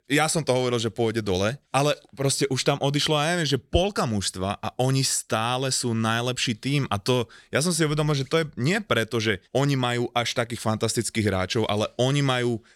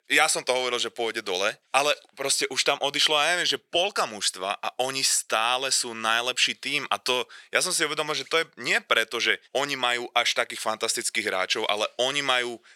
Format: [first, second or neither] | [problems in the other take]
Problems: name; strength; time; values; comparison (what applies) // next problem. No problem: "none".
first | thin; very; fading below 600 Hz